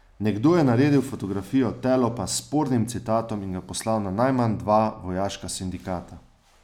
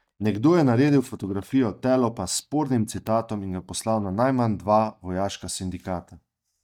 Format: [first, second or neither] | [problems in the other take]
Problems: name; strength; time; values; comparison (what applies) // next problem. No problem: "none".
first | noise reduction (neural mask model DeepFilterNet 3)